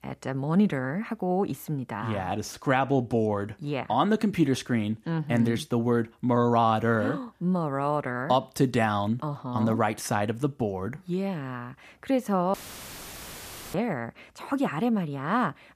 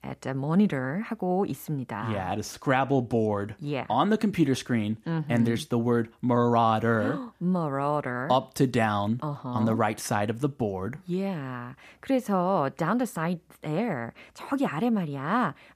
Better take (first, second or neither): second